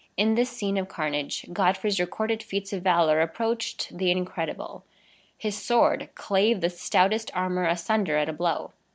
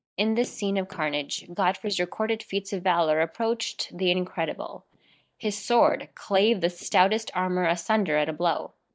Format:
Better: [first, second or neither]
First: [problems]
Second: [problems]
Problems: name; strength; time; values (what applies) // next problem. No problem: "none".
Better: first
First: none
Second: noise reduction (neural mask model DeepFilterNet 3)